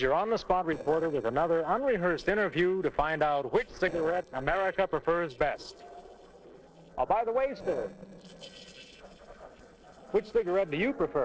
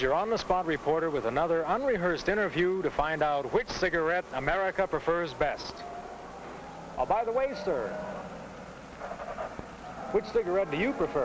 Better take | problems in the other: second | noise reduction (neural separator model SepFormer DNS4)

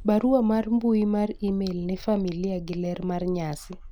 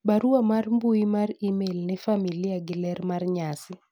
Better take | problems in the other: second | background sound (Mechanical fan); 17 dB below the speech

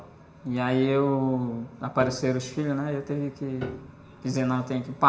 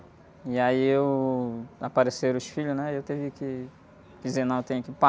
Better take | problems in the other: second | background sound (Piano); 15 dB below the speech // room echo; dies away in 1.1 s

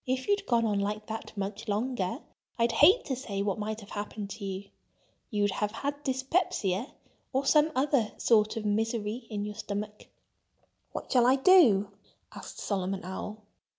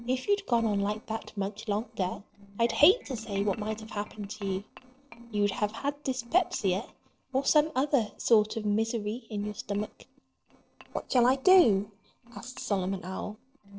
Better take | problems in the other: first | noise reduction (neural separator model SepFormer DNS4)

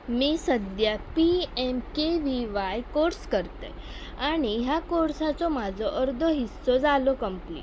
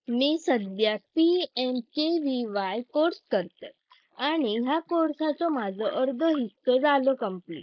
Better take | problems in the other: first | noise reduction (neural mask model Resemble Enhance denoiser)

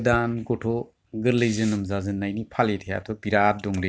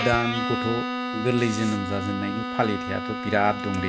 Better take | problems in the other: first | background sound (Bowed string instrument); 4 dB below the speech

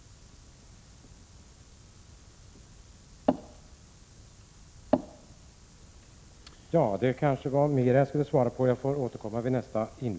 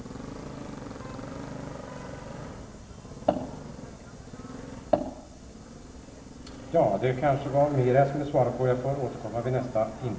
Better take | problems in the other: first | background sound (Motorcycle); 13 dB below the speech // room echo; dies away in 1.3 s

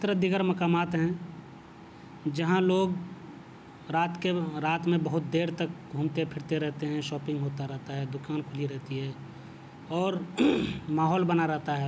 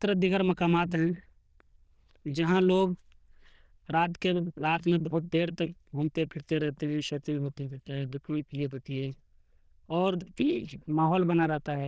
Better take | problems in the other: first | noise reduction (neural diffusion model UNIVERSE++)

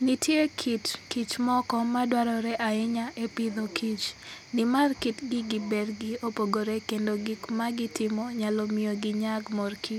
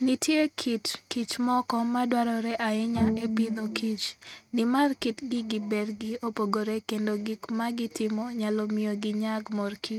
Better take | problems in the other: first | noise reduction (neural mask model RNNoise)

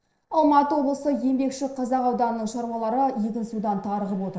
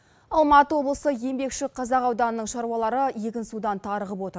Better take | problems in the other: second | noise reduction (neural separator model SepFormer DNS4)

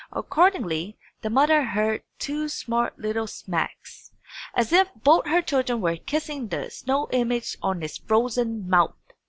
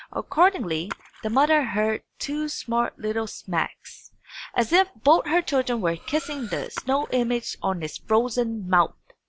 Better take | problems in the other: first | background sound (Splash, splatter + Cutlery, silverware); 20 dB below the speech

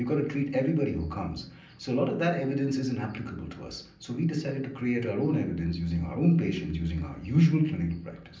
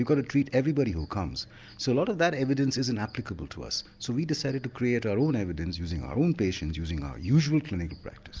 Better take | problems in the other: second | room echo; dies away in 0.6 s

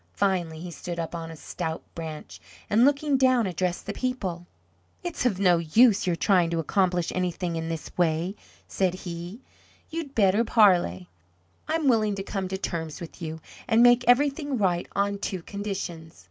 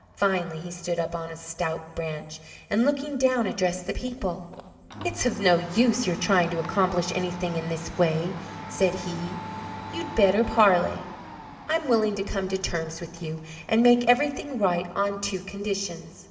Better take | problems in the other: first | background sound (Domestic sounds, home sounds); 15 dB below the speech // room echo; dies away in 2.7 s

